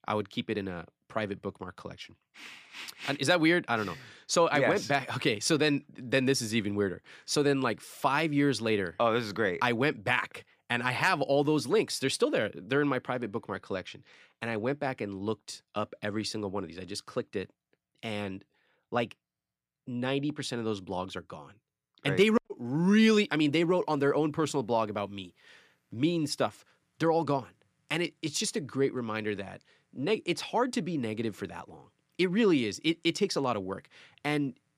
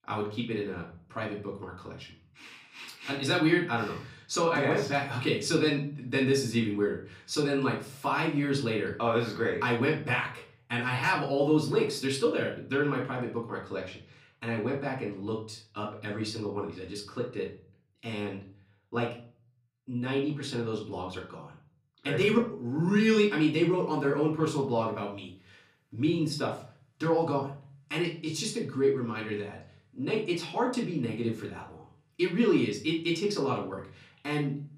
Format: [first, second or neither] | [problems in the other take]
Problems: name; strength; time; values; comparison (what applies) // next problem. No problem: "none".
first | off-mic speech; far // room echo; slight; dies away in 0.4 s